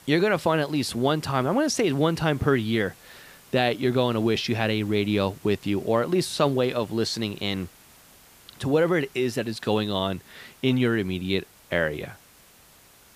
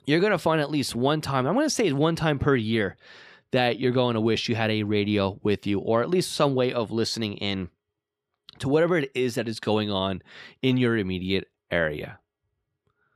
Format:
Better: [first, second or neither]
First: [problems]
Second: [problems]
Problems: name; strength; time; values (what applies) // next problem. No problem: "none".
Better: second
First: hiss; faint; throughout; 25 dB below the speech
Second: none